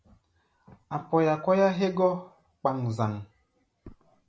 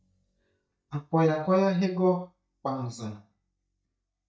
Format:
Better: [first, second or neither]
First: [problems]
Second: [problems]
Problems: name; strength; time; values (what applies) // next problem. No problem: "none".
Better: first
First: none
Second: noise reduction (neural mask model DeepFilterNet 3)